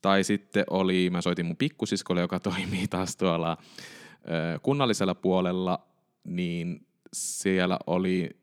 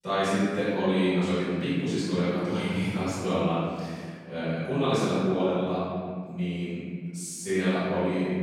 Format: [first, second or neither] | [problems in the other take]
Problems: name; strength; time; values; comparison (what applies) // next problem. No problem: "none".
first | off-mic speech; far // room echo; strong; dies away in 1.7 s